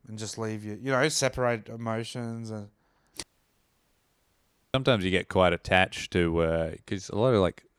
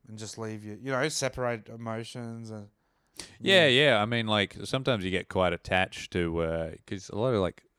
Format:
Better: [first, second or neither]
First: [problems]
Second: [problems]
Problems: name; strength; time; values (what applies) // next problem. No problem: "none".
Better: second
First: audio cutting out; at 3 s for 1.5 s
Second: none